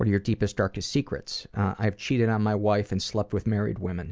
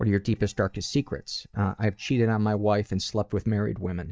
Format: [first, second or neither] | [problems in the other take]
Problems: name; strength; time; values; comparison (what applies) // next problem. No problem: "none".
first | noise reduction (neural mask model DeepFilterNet 3)